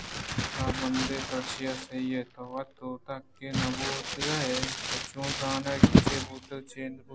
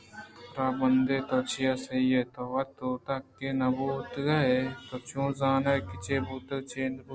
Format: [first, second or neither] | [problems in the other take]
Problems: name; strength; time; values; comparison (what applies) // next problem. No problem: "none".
second | background sound (Crumpling, crinkling); 4 dB above the speech